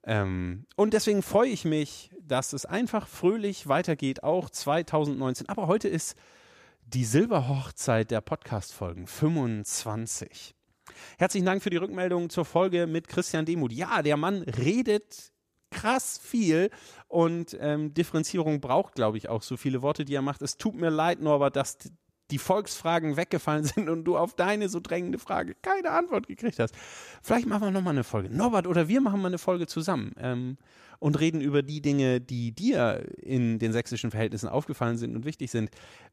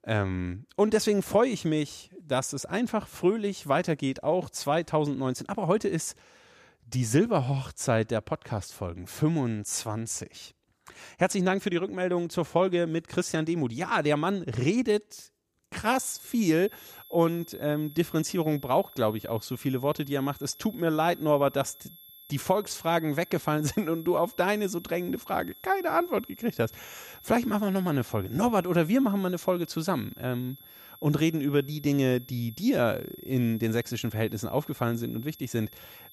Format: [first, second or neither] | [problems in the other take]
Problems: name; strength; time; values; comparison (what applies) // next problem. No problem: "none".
first | high-pitched whine; noticeable; from 16 s on; 11.5 kHz, 20 dB below the speech